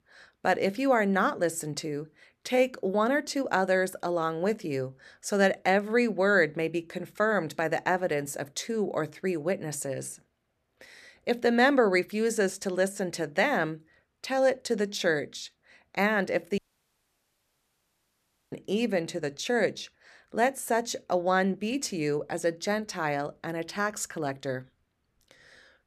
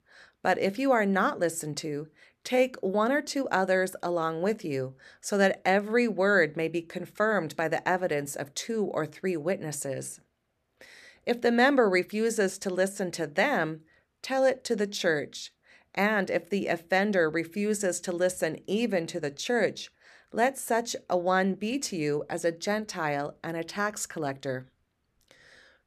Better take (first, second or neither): second